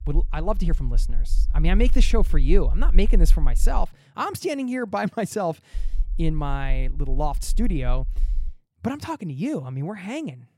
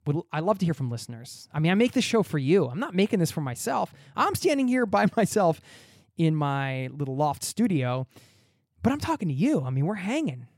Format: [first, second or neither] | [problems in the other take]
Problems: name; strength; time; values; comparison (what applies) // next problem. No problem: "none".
second | low rumble; faint; until 4 s and from 6 to 8.5 s; 25 dB below the speech